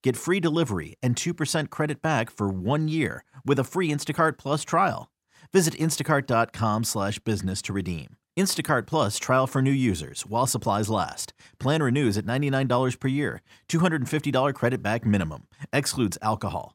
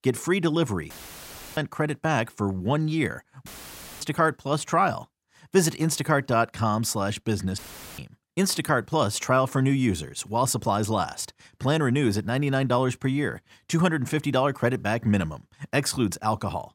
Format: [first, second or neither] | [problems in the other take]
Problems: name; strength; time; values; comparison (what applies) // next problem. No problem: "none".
first | audio cutting out; filled with static; at 1 s for 0.5 s, at 3.5 s for 0.5 s and at 7.5 s